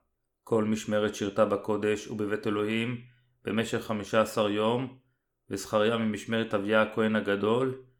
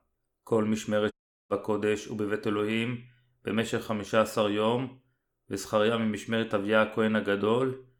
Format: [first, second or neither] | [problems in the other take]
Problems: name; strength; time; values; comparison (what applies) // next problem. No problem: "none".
first | audio cutting out; at 1 s